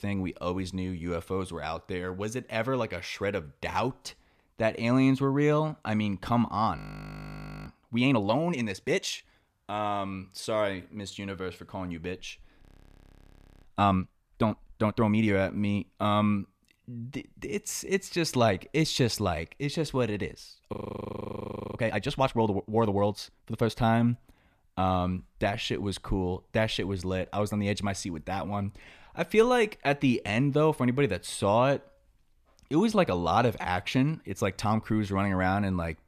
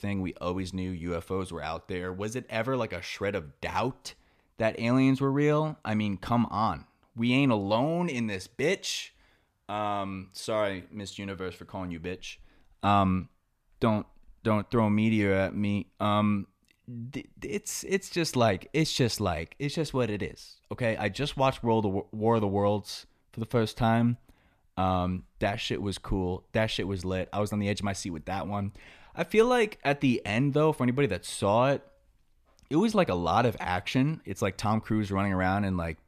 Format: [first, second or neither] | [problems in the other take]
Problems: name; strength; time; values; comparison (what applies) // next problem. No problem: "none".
second | audio freezing; at 7 s for 1 s, at 13 s for 1 s and at 21 s for 1 s